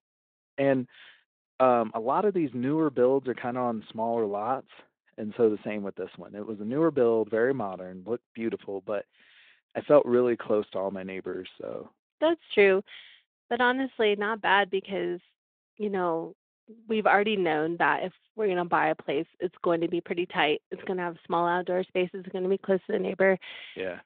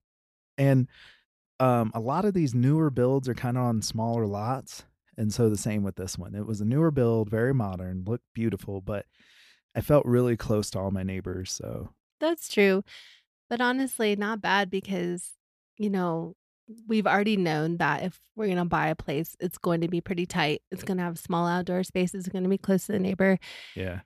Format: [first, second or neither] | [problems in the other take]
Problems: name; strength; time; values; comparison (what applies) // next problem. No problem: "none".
second | phone-call audio